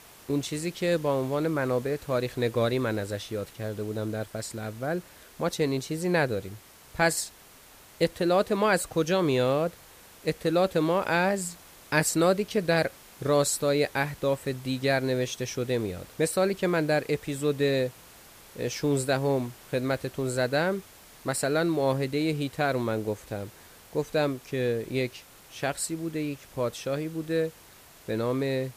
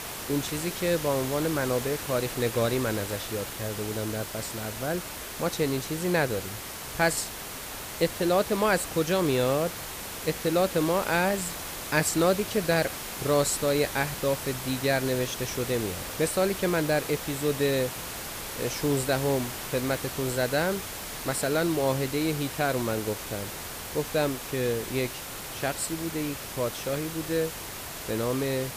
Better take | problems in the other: first | hiss; loud; throughout; 7 dB below the speech; faint in the first

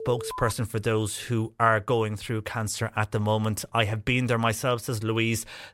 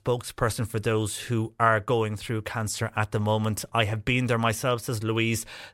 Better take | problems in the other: second | alarm; noticeable; at the start; peak 9 dB below the speech

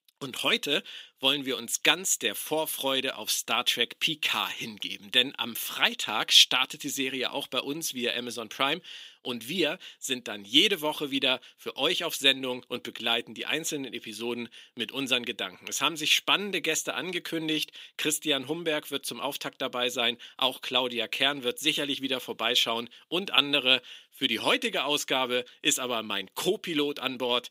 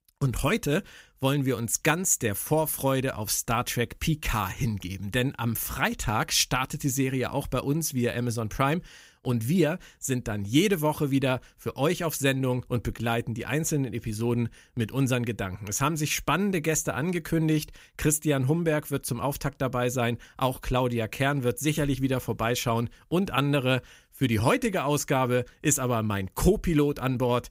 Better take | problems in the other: second | thin; very slightly; fading below 250 Hz

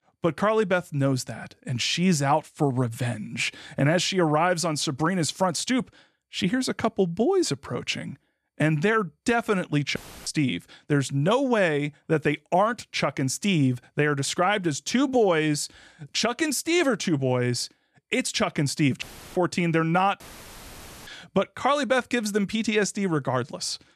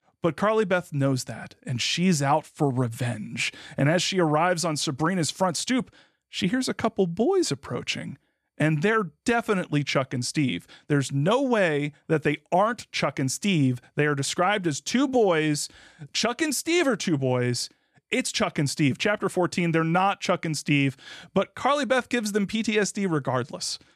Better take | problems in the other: second | audio cutting out; filled with static; at 10 s, at 19 s and at 20 s for 1 s

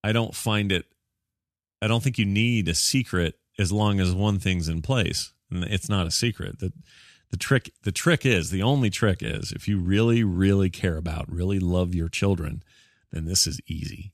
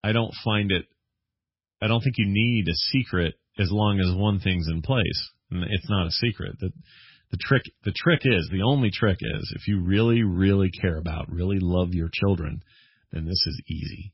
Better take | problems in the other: first | garbled, watery; badly; nothing above 5.5 kHz

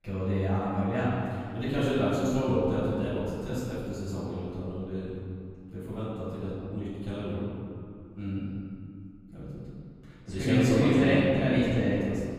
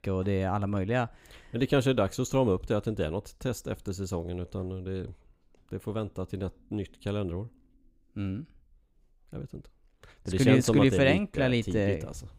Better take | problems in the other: second | off-mic speech; far // room echo; strong; dies away in 2.3 s

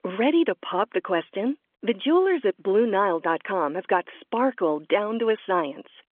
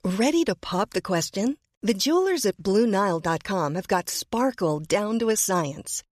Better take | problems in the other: second | phone-call audio; nothing above 3.5 kHz

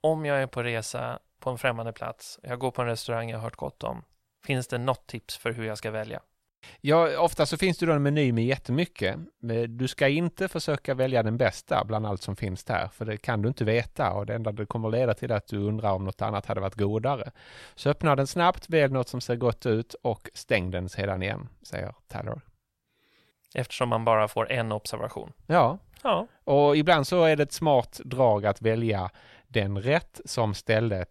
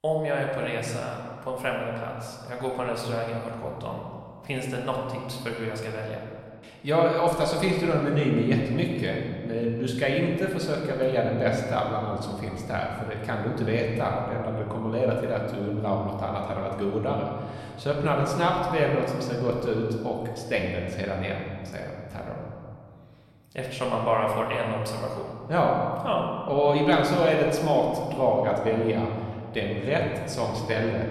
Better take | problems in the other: first | room echo; noticeable; dies away in 1.9 s // off-mic speech; somewhat distant

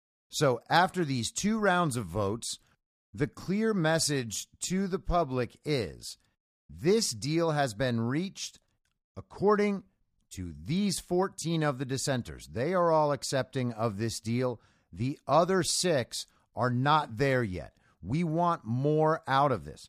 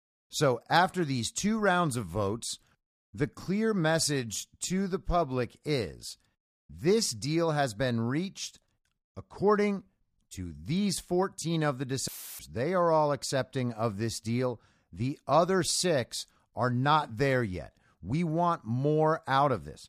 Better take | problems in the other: first | audio cutting out; filled with static; at 12 s

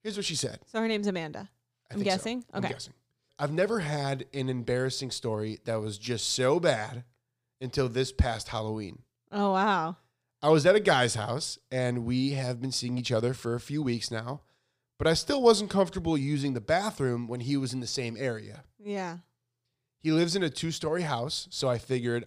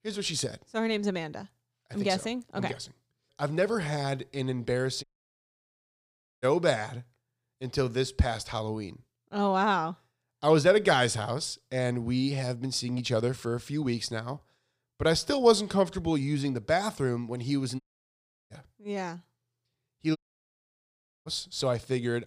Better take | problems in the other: first | audio cutting out; at 5 s for 1.5 s, at 18 s for 0.5 s and at 20 s for 1 s

